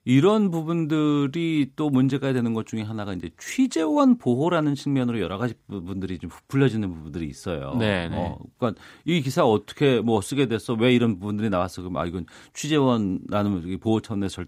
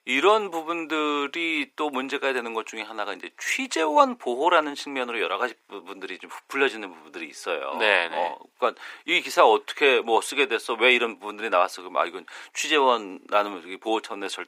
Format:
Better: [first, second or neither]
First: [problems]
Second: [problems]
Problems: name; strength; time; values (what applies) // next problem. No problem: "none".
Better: first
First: none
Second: thin; very; fading below 400 Hz